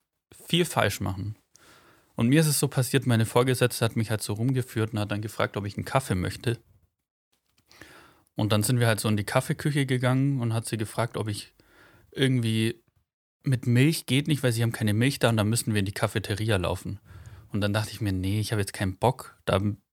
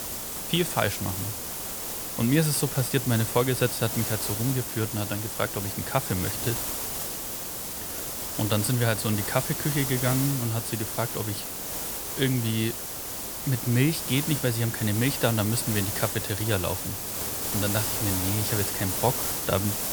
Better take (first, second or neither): first